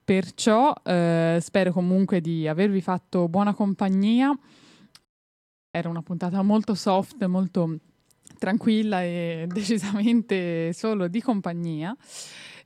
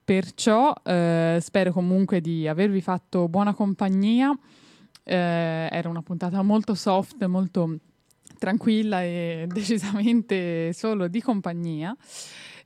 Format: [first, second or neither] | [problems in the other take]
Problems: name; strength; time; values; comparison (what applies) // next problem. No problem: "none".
second | audio cutting out; at 5 s for 0.5 s